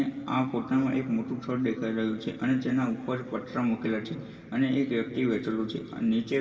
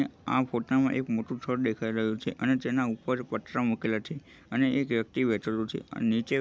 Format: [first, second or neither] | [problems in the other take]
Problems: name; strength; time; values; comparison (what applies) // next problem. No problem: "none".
second | room echo; dies away in 2.6 s